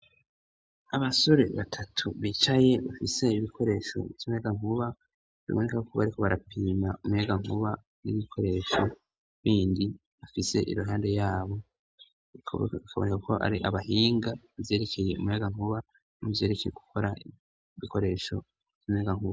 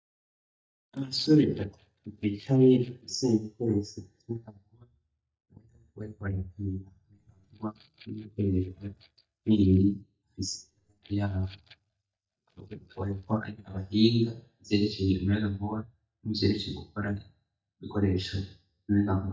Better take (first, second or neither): first